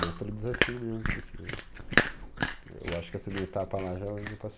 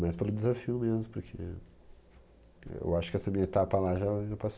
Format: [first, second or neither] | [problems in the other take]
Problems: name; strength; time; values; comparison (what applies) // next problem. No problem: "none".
second | background sound (Chewing, mastication); 3 dB above the speech